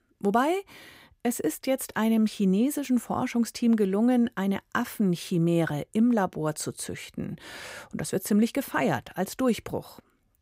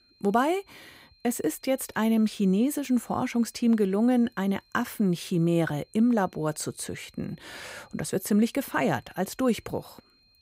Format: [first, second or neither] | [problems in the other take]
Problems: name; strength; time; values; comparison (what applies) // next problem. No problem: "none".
first | high-pitched whine; faint; throughout; 4 kHz, 35 dB below the speech